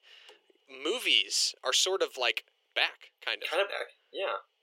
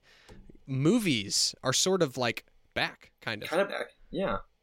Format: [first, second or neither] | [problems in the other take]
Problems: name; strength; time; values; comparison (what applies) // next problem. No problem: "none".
second | thin; very; fading below 400 Hz